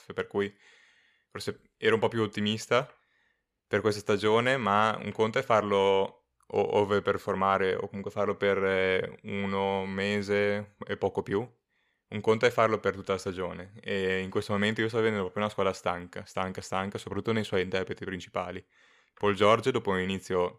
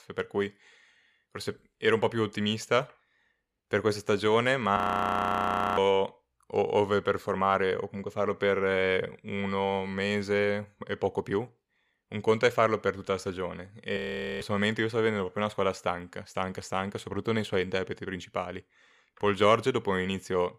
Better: first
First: none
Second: audio freezing; at 5 s for 1 s and at 14 s

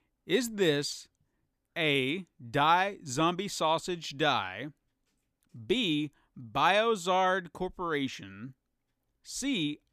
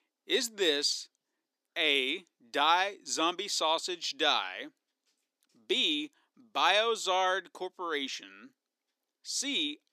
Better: first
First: none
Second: thin; very slightly; fading below 300 Hz

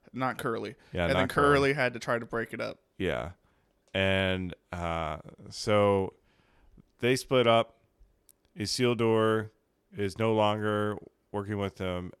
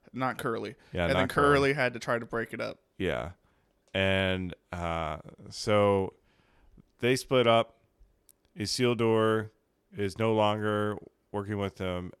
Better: neither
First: none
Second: none

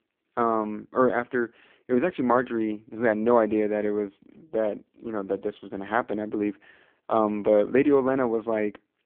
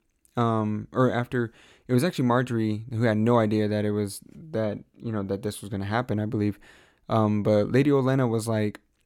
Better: second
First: phone-call audio; poor line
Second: none

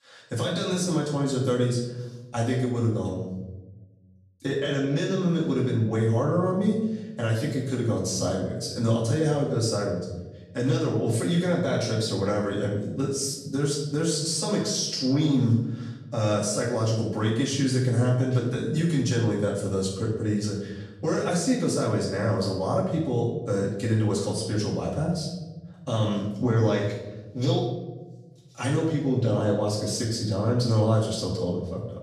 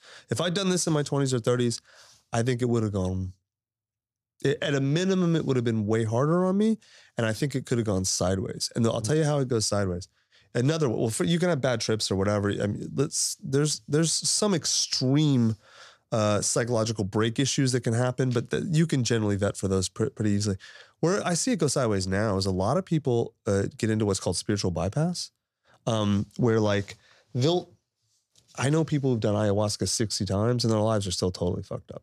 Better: second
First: off-mic speech; far // room echo; noticeable; dies away in 0.9 s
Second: none

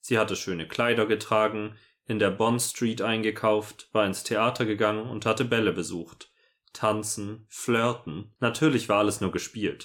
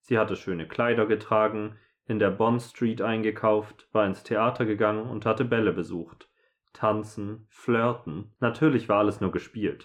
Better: first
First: none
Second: muffled; very; fading above 3.5 kHz

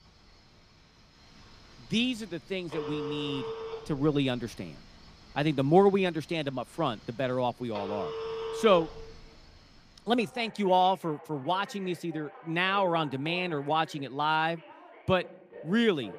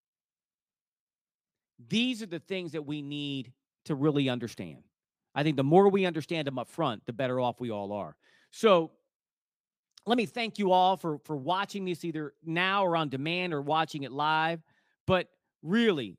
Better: second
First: alarms or sirens; noticeable; throughout; 15 dB below the speech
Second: none

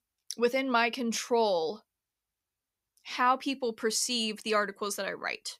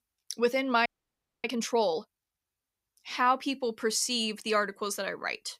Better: first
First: none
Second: audio freezing; at 1 s for 0.5 s

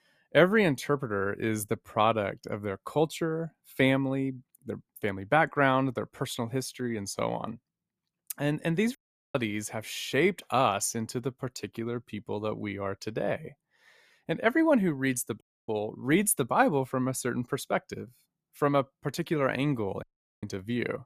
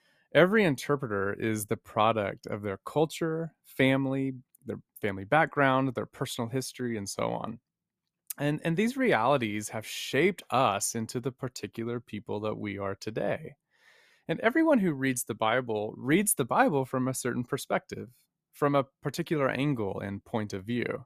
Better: second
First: audio cutting out; at 9 s, at 15 s and at 20 s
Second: none

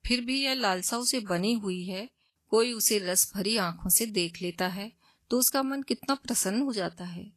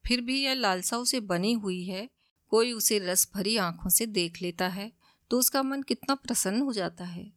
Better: second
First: garbled, watery; slightly; nothing above 12.5 kHz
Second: none

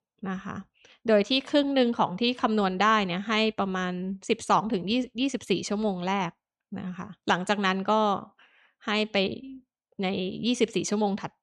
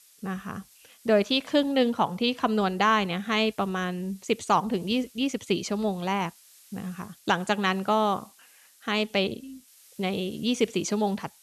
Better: first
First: none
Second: hiss; faint; throughout; 25 dB below the speech

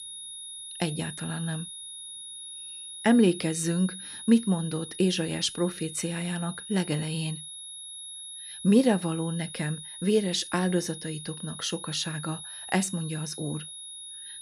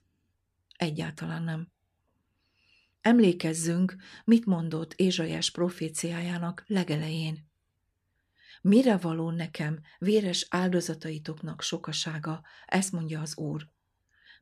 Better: second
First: high-pitched whine; noticeable; throughout; 10.5 kHz, 10 dB below the speech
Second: none

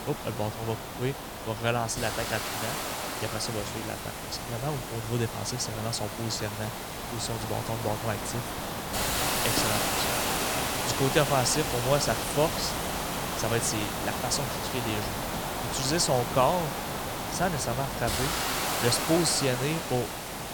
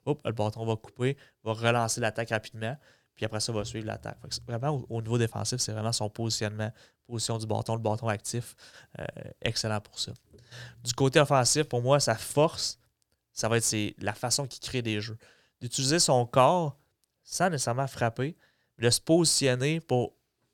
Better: second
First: hiss; loud; throughout; 1 dB below the speech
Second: none

